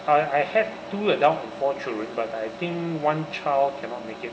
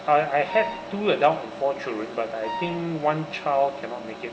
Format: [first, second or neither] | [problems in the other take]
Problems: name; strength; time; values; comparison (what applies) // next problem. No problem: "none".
first | background sound (Wind instrument, woodwind instrument); 10 dB below the speech